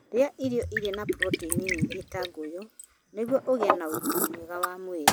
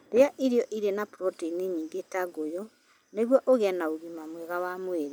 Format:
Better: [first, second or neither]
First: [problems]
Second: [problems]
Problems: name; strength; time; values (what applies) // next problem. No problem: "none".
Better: second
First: background sound (Liquid); 1 dB above the speech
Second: none